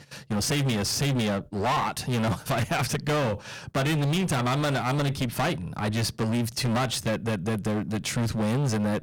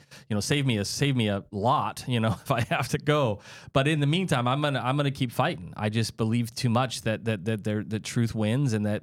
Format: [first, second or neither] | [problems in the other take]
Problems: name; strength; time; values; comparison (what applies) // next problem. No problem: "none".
second | distortion; heavy; 28% of the sound clipped